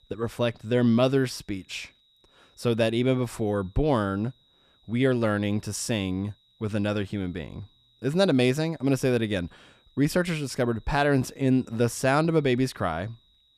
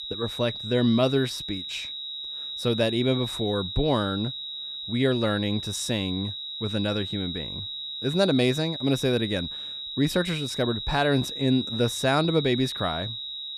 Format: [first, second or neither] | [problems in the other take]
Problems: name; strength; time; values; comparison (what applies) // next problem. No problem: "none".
first | high-pitched whine; loud; throughout; 4 kHz, 6 dB below the speech; faint in the first